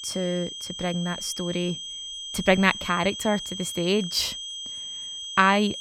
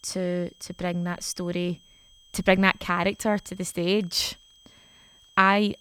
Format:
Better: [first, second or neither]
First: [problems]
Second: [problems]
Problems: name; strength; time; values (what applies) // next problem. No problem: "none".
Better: second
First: high-pitched whine; loud; throughout; 3 kHz, 8 dB below the speech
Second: high-pitched whine; faint; throughout; 3 kHz, 30 dB below the speech